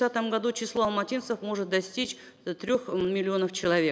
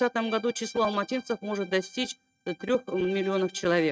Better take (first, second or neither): first